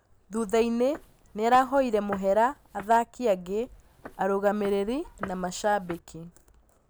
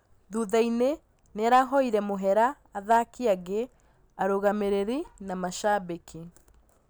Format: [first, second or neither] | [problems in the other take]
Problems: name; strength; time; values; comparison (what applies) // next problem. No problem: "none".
second | background sound (Walk, footsteps); 18 dB below the speech